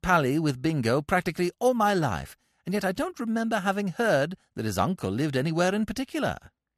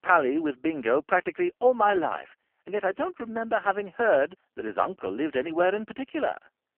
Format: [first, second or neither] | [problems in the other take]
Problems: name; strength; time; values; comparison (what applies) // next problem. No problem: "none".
first | phone-call audio; poor line; nothing above 3 kHz